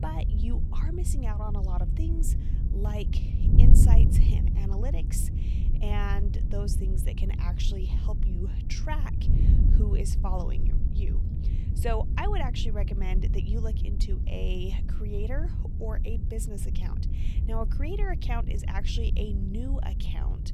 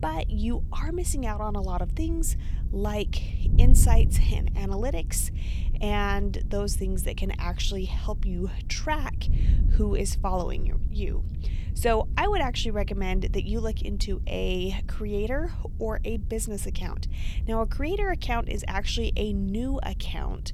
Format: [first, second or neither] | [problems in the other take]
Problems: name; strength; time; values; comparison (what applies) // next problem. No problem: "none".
second | wind noise on the microphone; heavy; 5 dB below the speech; occasional gusts in the second